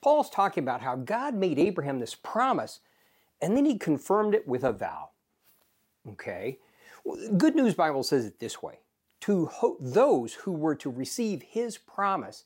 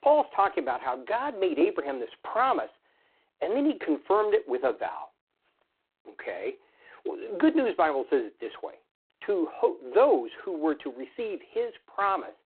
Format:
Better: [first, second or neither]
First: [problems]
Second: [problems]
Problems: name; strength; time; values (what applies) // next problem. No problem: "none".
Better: first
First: none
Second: phone-call audio; poor line; nothing above 4 kHz